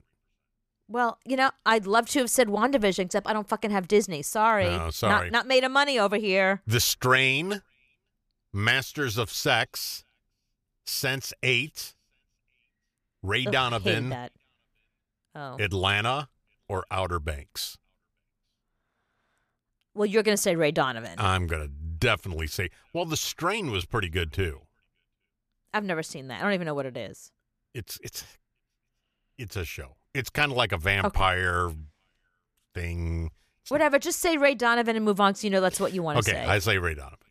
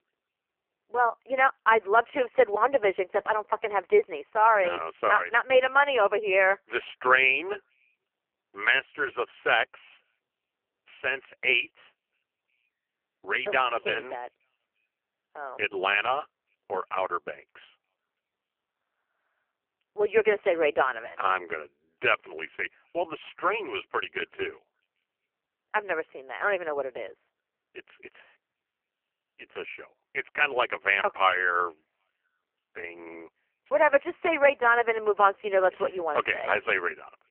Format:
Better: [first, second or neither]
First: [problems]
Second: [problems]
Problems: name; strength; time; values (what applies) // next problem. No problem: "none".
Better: first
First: none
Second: phone-call audio; poor line; nothing above 3 kHz